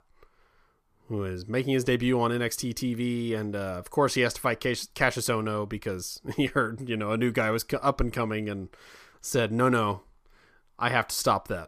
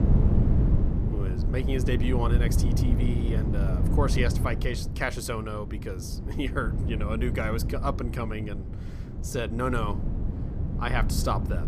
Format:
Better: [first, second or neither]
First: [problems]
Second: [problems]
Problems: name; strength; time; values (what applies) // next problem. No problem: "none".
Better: first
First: none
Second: wind noise on the microphone; heavy; 7 dB below the speech